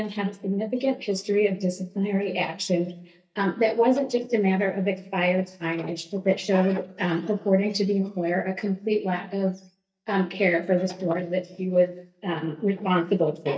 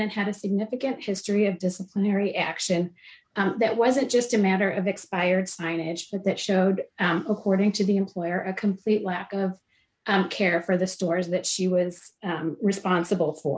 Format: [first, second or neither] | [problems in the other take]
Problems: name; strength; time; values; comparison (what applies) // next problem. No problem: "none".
second | noise reduction (neural mask model DeepFilterNet 3)